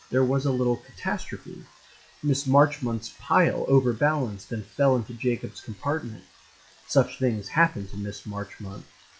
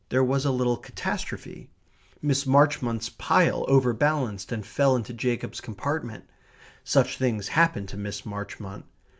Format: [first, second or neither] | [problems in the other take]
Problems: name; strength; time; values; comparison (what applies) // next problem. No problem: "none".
second | noise reduction (classical method log-MMSE)